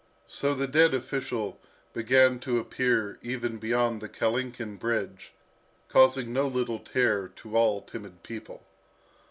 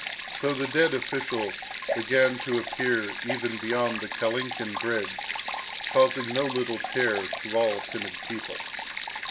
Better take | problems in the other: first | background sound (Stream); 6 dB below the speech

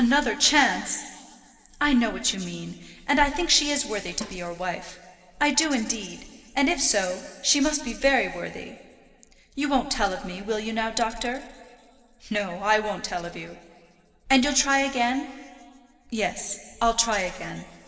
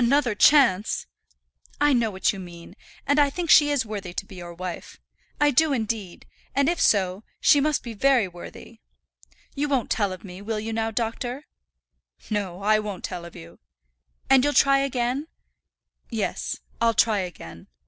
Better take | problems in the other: second | background sound (Snare drum); 18 dB below the speech // room echo; dies away in 1.9 s

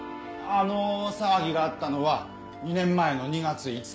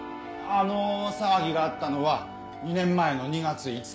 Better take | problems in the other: first | background sound (Wind instrument, woodwind instrument); 16 dB below the speech

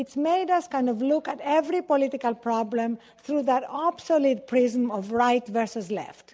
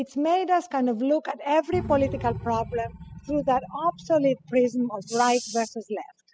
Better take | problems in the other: first | noise reduction (classical method spectral subtraction)

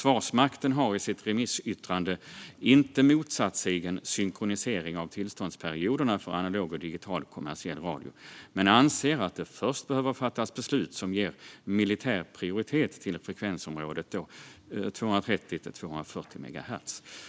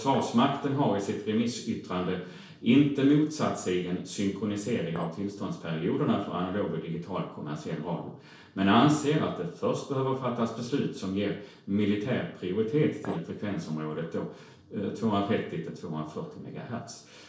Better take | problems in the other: first | noise reduction (neural separator model SepFormer DNS4)

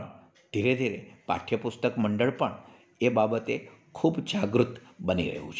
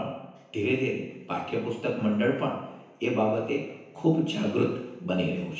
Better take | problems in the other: first | room echo; dies away in 0.9 s

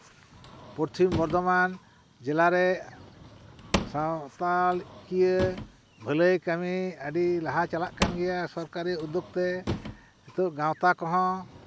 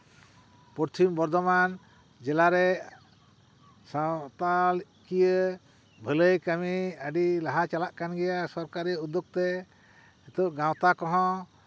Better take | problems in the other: second | background sound (Drawer open or close / Wood); 11 dB below the speech

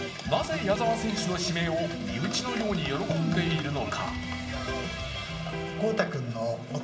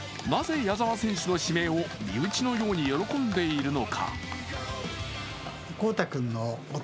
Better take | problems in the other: second | background sound (Electric guitar); 7 dB below the speech // room echo; dies away in 0.9 s

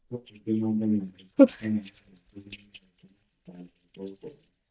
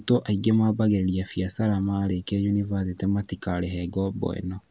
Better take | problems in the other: second | noise reduction (neural mask model DeepFilterNet 3)

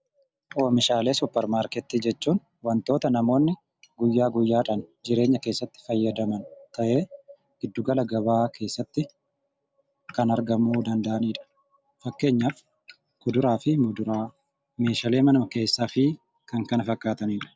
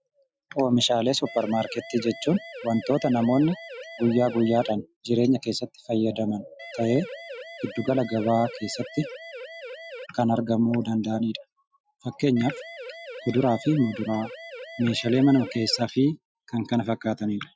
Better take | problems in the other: first | noise reduction (classical method Wiener filter)

